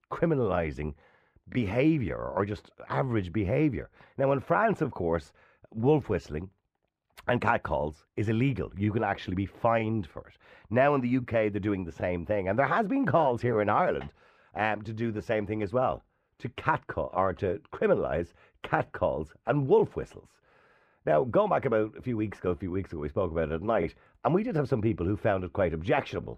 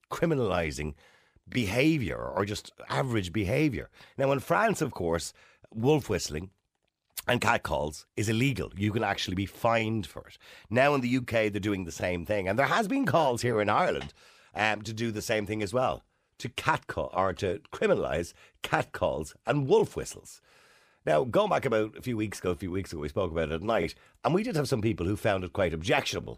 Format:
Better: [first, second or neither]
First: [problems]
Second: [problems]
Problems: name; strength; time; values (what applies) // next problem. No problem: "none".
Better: second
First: muffled; very; fading above 3.5 kHz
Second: none